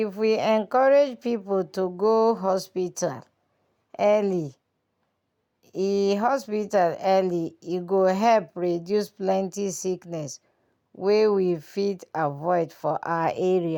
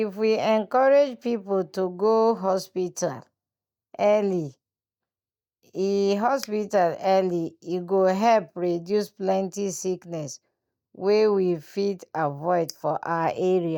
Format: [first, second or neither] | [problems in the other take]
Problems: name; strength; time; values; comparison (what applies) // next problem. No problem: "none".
first | noise reduction (neural mask model DeepFilterNet 3)